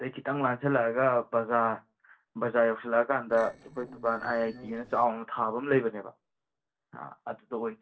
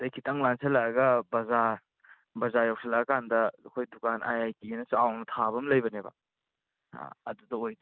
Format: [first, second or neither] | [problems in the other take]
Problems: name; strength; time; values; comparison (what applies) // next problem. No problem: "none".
second | noise reduction (neural separator model SepFormer DNS4)